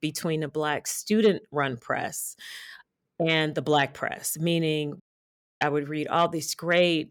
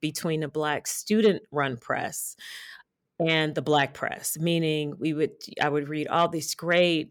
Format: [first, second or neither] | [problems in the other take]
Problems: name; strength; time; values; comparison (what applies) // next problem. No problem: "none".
second | audio cutting out; at 5 s for 0.5 s